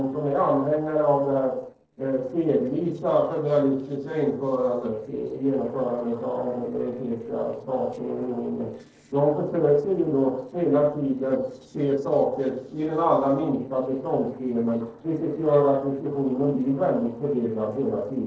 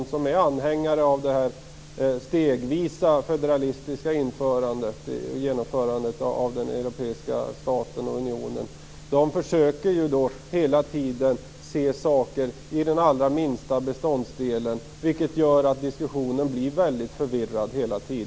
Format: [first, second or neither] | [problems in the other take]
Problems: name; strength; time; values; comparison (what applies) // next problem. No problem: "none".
second | noise reduction (neural separator model SepFormer DNS4)